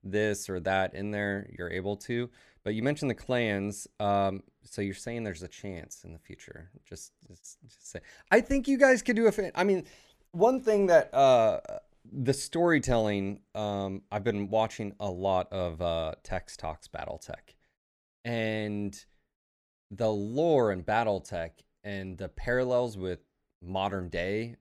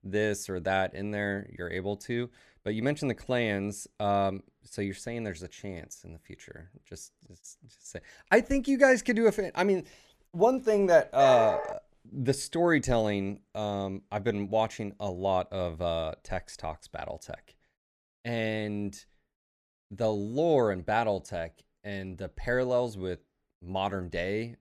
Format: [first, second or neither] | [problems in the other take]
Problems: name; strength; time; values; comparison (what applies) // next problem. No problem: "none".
first | dog barking; noticeable; at 11 s; peak 2 dB below the speech